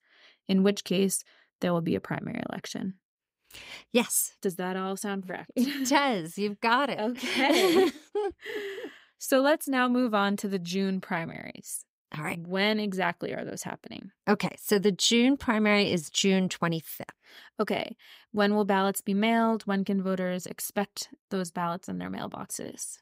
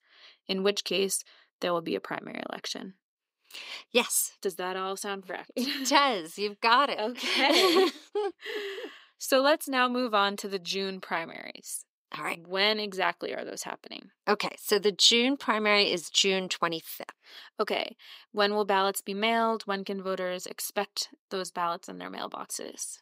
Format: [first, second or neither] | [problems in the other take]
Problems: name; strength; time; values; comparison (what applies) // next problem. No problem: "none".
first | thin; somewhat; fading below 350 Hz